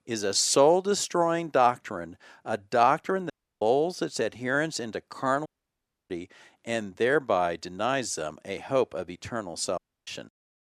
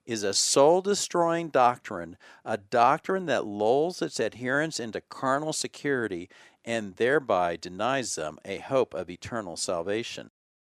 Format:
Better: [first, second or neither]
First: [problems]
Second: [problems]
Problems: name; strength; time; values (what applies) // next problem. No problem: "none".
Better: second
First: audio cutting out; at 3.5 s, at 5.5 s for 0.5 s and at 10 s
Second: none